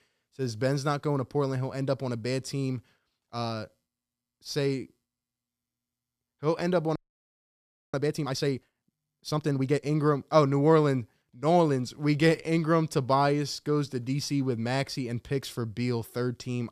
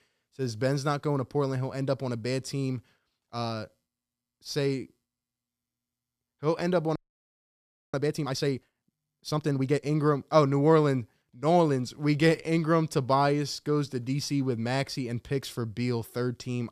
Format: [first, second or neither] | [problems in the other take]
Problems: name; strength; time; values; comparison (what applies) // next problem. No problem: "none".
neither | audio freezing; at 7 s for 1 s; the same in both